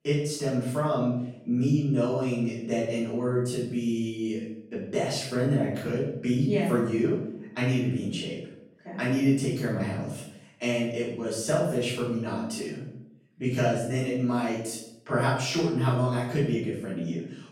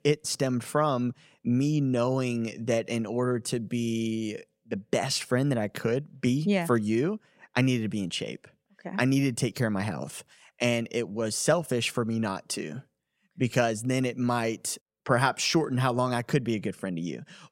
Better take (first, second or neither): second